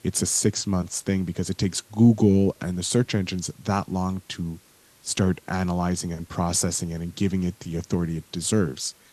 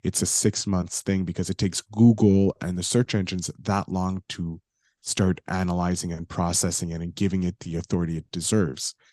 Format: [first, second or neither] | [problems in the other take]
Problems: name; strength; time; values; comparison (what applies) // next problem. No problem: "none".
second | hiss; faint; throughout; 30 dB below the speech